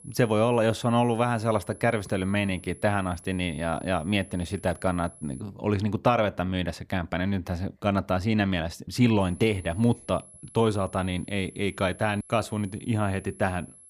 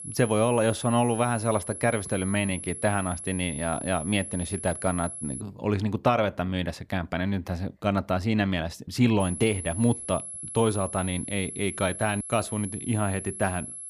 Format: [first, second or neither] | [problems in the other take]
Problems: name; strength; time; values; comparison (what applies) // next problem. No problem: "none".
first | high-pitched whine; loud; until 5.5 s and from 9 s on; 11 kHz, 8 dB below the speech; faint in the first